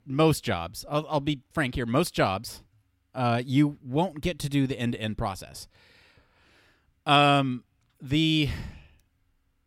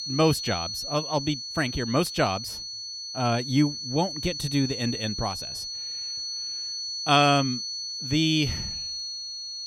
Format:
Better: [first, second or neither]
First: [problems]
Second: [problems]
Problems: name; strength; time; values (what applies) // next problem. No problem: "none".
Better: first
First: none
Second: high-pitched whine; loud; throughout; 4.5 kHz, 5 dB below the speech